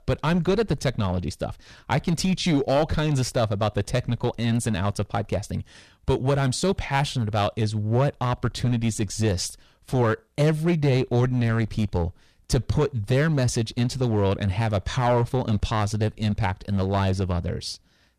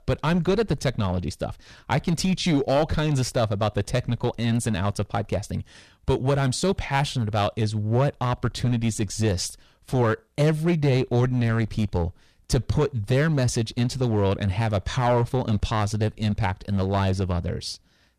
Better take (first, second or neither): neither